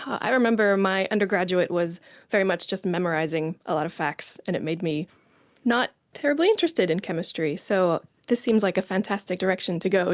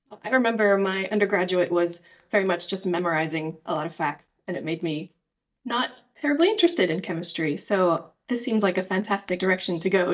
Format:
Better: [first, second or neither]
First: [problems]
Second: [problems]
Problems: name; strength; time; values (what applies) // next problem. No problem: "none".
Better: first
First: none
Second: noise reduction (neural mask model DeepFilterNet 3)